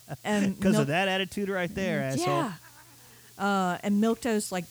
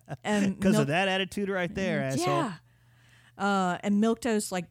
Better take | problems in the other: second | hiss; faint; throughout; 25 dB below the speech

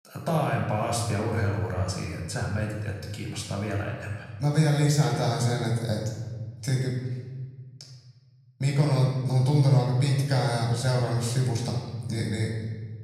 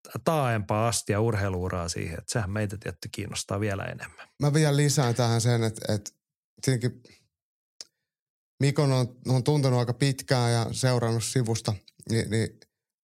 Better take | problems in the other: second | off-mic speech; somewhat distant // room echo; noticeable; dies away in 1.4 s

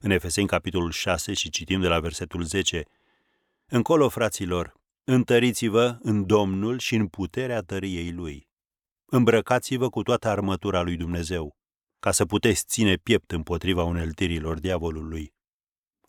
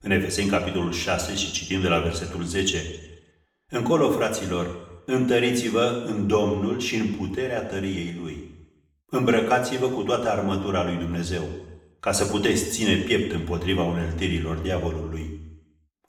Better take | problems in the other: first | room echo; slight; dies away in 0.8 s // off-mic speech; somewhat distant

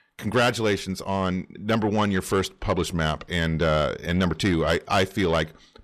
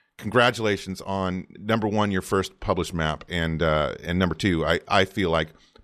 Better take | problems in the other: second | distortion; slight; 10 dB below the speech

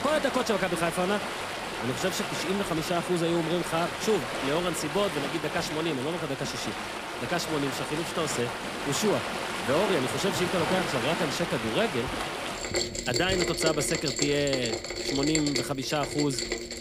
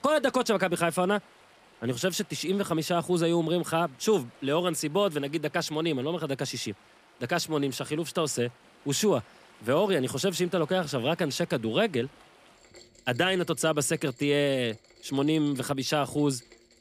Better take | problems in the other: second | rain or running water; loud; throughout; 2 dB below the speech; faint in the second

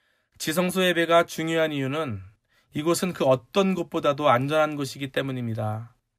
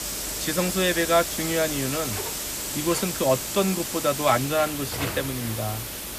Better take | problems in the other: first | hiss; loud; throughout; 3 dB below the speech

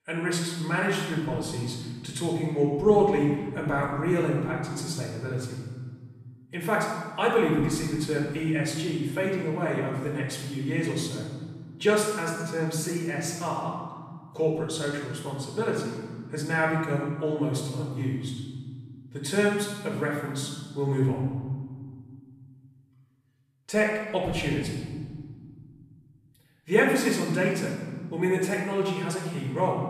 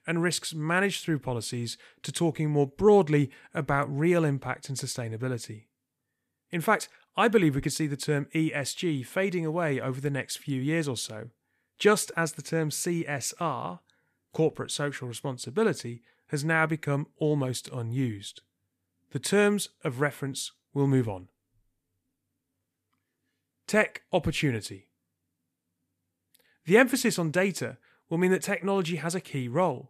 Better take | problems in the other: second | room echo; noticeable; dies away in 1.5 s // off-mic speech; far

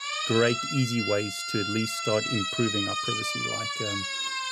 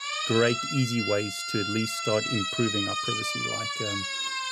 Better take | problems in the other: neither | siren; loud; peak 2 dB above the speech; the same in both

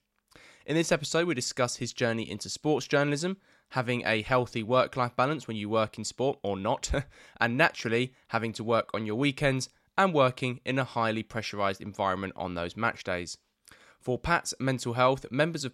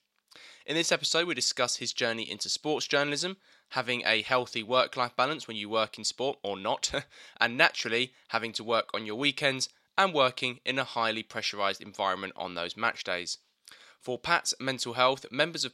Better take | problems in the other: first | thin; very slightly; fading below 450 Hz

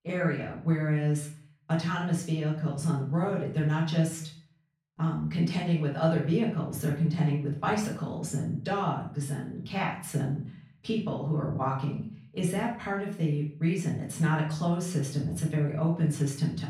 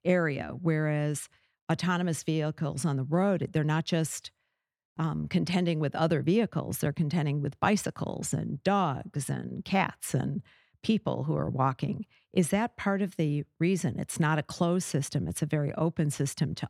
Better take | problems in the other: second | off-mic speech; far // room echo; noticeable; dies away in 0.4 s

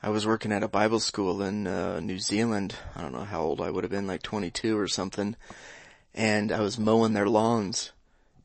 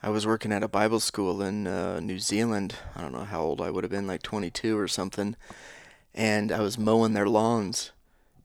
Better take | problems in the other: second | garbled, watery; slightly; nothing above 8 kHz

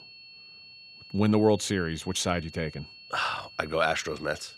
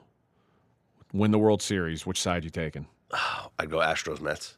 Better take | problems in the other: second | high-pitched whine; noticeable; throughout; 4.5 kHz, 20 dB below the speech

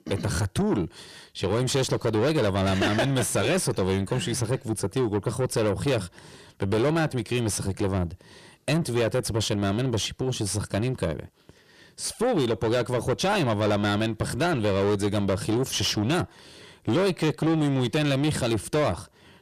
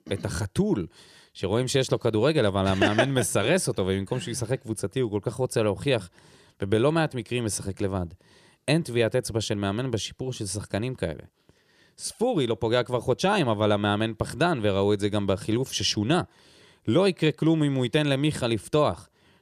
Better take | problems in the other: second | distortion; heavy; 7 dB below the speech

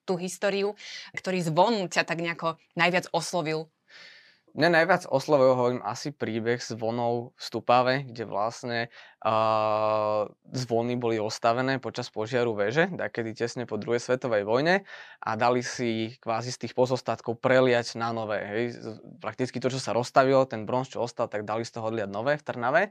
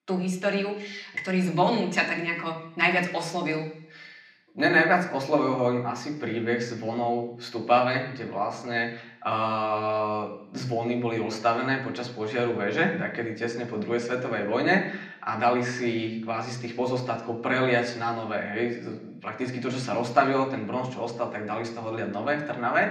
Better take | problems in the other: first | room echo; slight; dies away in 0.8 s // off-mic speech; somewhat distant

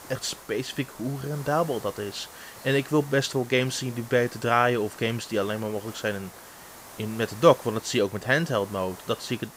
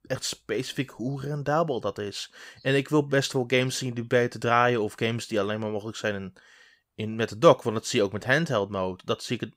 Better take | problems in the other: second | hiss; noticeable; throughout; 20 dB below the speech

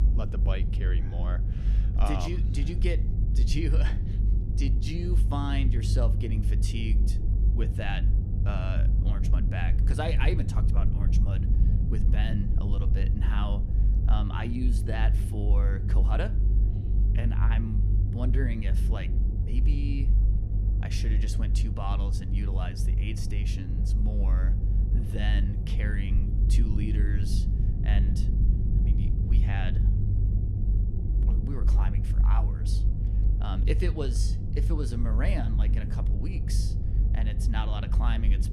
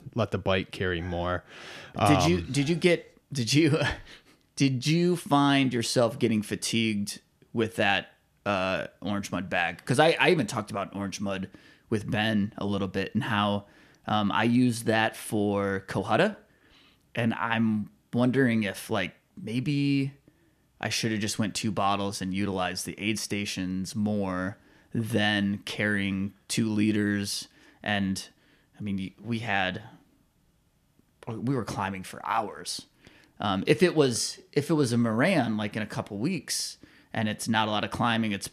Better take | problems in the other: second | low rumble; loud; throughout; 5 dB below the speech

